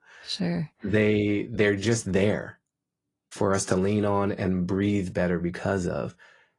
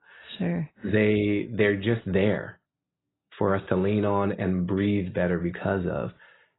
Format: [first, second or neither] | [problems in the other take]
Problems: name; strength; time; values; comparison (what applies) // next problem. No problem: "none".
first | garbled, watery; badly; nothing above 4 kHz; slightly in the first